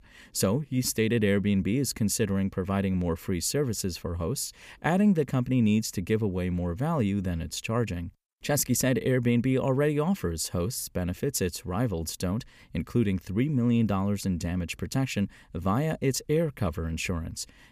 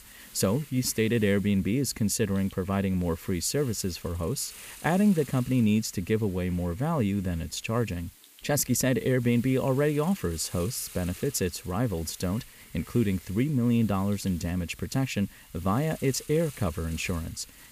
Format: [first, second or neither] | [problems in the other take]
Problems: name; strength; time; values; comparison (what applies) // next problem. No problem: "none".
first | hiss; noticeable; throughout; 20 dB below the speech